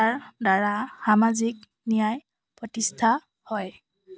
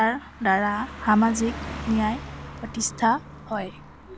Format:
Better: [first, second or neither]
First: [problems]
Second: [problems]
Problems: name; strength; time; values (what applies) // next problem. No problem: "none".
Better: first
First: none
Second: background sound (Car passing by); 12 dB below the speech